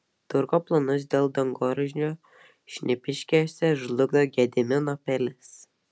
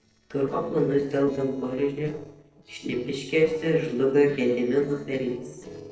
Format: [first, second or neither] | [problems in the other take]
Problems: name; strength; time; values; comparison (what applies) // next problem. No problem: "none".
first | noise reduction (neural separator model SepFormer DNS4)